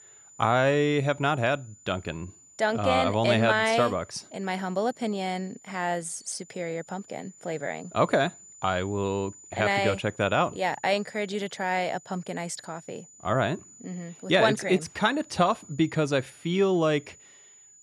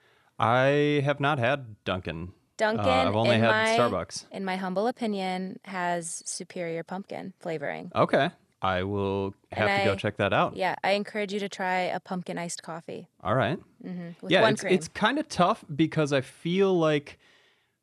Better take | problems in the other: second | high-pitched whine; faint; throughout; 7 kHz, 25 dB below the speech

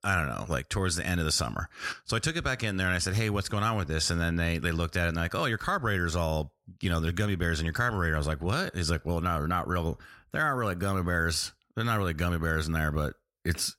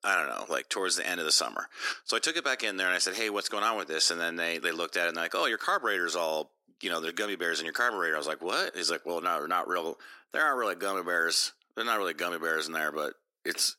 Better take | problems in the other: first | thin; very; fading below 300 Hz

